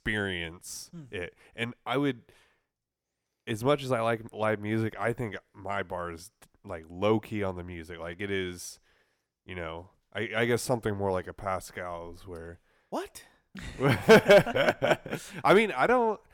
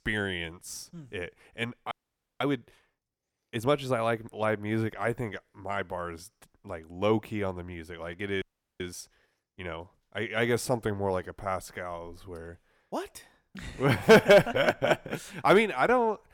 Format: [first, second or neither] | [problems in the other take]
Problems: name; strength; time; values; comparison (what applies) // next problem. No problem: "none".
first | audio freezing; at 2 s and at 8.5 s